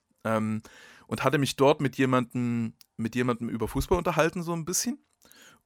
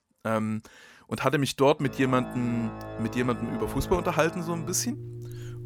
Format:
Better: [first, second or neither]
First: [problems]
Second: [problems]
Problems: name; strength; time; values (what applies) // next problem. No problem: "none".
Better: first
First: none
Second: background music; noticeable; from 2 s on; 10 dB below the speech